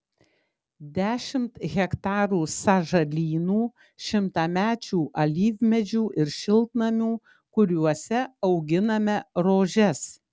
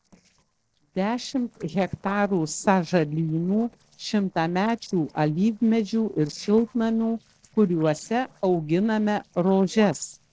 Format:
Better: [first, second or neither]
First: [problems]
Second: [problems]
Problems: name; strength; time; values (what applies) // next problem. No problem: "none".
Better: first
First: none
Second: noise reduction (neural separator model SepFormer DNS4)